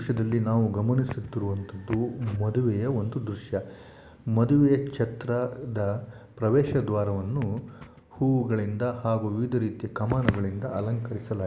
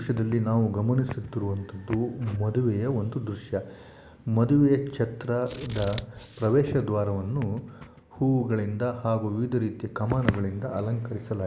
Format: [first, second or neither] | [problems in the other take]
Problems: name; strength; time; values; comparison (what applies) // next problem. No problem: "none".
first | background sound (Scissors); 15 dB below the speech